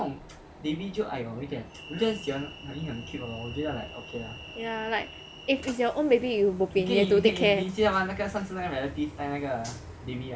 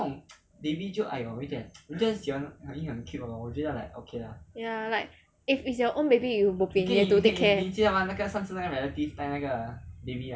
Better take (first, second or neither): second